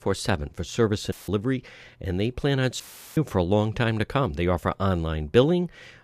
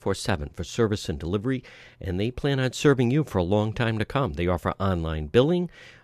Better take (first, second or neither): second